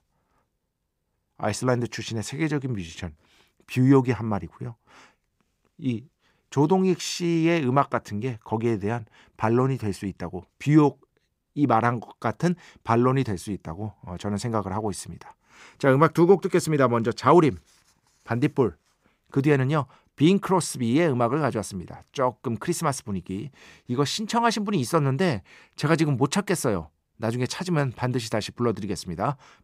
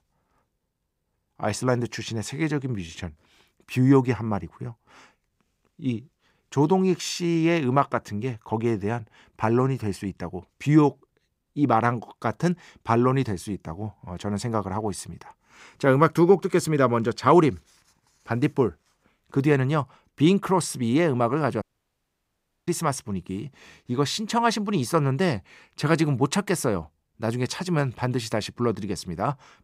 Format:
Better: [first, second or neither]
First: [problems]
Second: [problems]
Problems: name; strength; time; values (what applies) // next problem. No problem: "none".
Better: first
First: none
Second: audio cutting out; at 22 s for 1 s